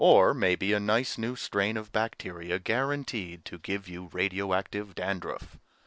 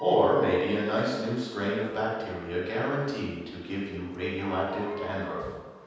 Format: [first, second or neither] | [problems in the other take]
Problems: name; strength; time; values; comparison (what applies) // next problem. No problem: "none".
first | background sound (Bird vocalization, bird call, bird song); 19 dB below the speech // room echo; dies away in 1.2 s